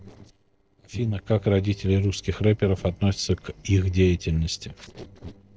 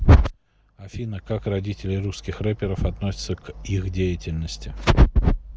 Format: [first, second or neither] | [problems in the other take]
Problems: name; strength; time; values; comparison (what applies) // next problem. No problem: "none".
second | noise reduction (neural separator model SepFormer DNS4)